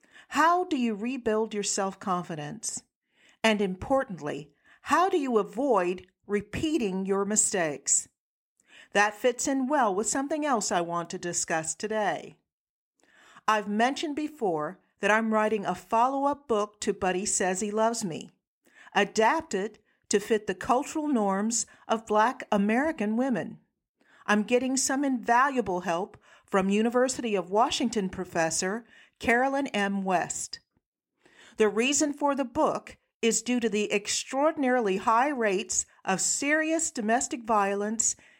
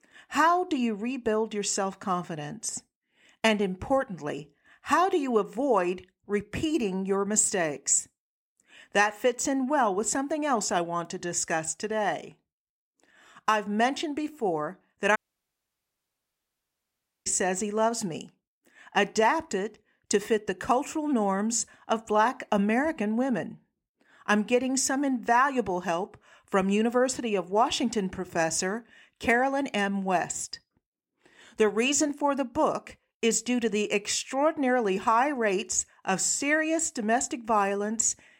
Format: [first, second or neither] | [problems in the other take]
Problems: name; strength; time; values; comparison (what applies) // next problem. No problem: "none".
first | audio cutting out; at 15 s for 2 s